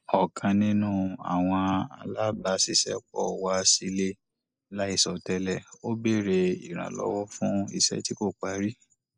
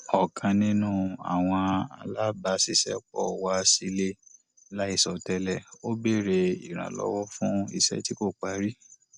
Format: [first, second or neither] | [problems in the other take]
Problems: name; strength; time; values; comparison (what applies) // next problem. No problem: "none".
second | noise reduction (neural mask model Resemble Enhance denoiser)